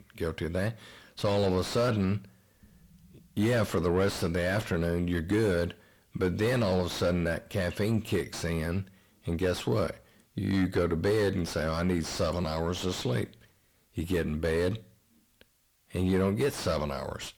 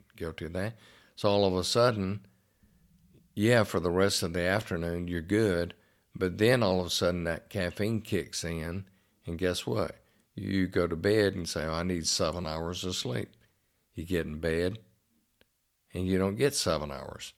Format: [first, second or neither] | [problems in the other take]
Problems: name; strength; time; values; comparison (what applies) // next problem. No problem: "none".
second | distortion; heavy; 6 dB below the speech